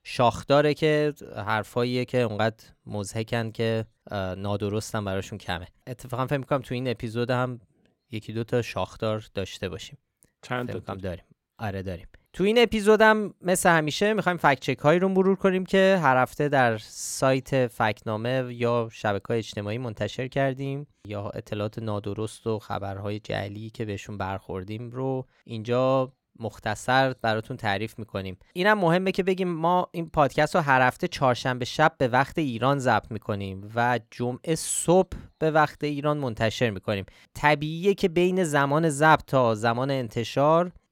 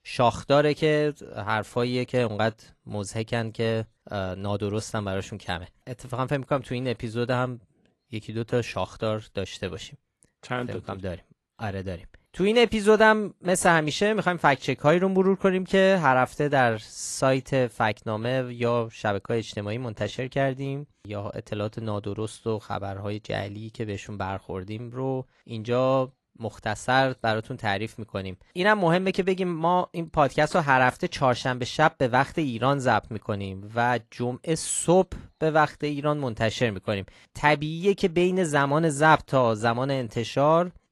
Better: first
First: none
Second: garbled, watery; slightly; nothing above 11 kHz

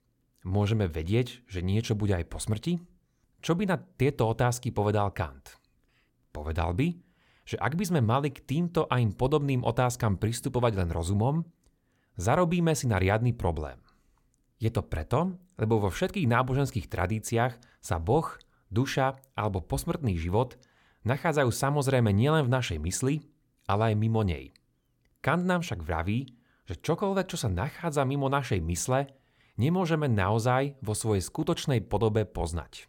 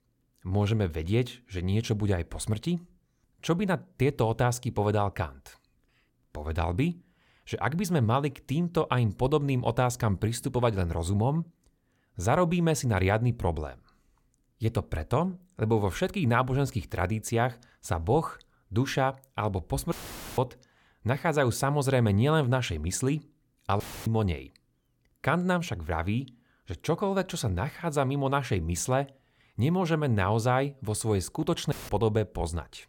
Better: first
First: none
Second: audio cutting out; filled with static; at 20 s, at 24 s and at 32 s

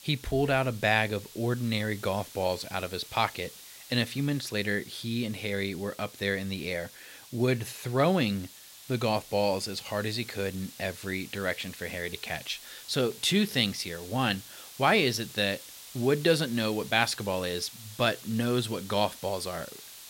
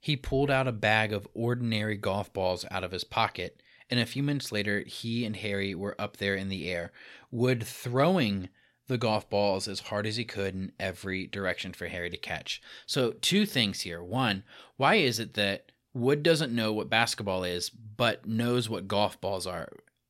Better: second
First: hiss; noticeable; throughout; 15 dB below the speech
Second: none

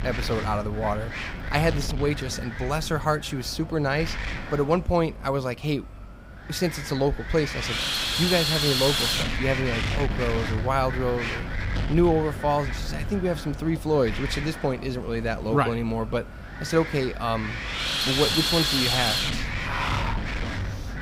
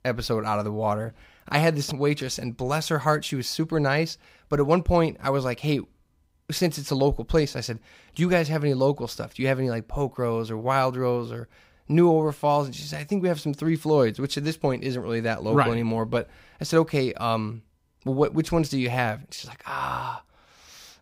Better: second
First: wind noise on the microphone; heavy; as loud as the speech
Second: none

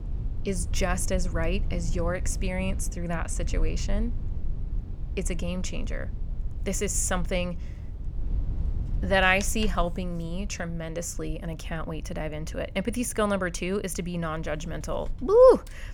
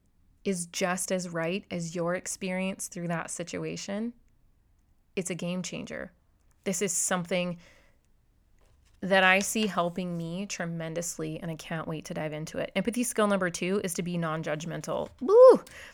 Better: second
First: low rumble; faint; throughout; 25 dB below the speech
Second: none

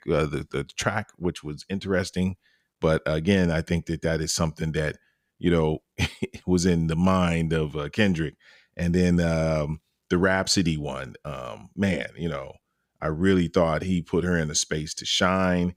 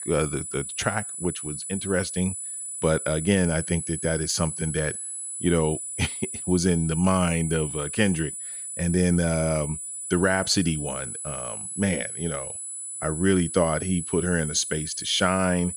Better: first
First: none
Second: high-pitched whine; loud; throughout; 10 kHz, 6 dB below the speech

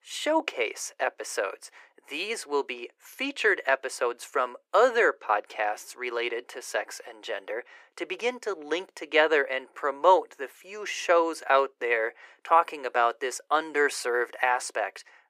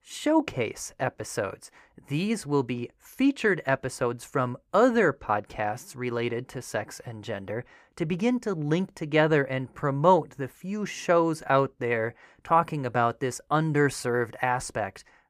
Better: second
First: thin; very; fading below 350 Hz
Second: none

